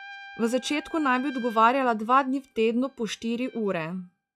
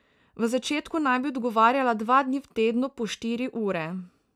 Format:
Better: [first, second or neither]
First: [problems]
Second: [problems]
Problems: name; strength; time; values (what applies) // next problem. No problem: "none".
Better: second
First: noise reduction (classical method log-MMSE)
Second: none